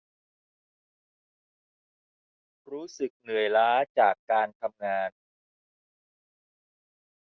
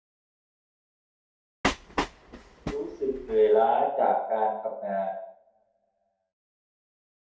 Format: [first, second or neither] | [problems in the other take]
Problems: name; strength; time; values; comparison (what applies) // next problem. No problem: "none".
first | background sound (Train); 4 dB below the speech // room echo; dies away in 0.8 s